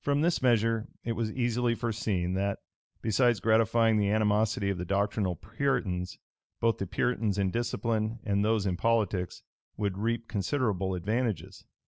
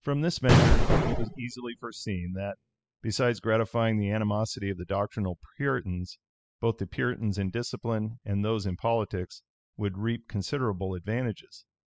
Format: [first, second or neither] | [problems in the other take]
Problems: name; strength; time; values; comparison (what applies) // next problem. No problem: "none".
first | noise reduction (classical method spectral subtraction)